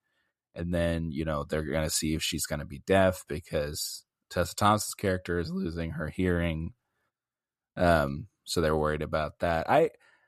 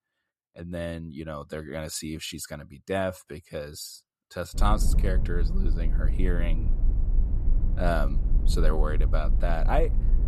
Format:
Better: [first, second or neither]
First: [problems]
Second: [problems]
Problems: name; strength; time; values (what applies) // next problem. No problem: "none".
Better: first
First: none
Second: low rumble; noticeable; from 4.5 s on; 10 dB below the speech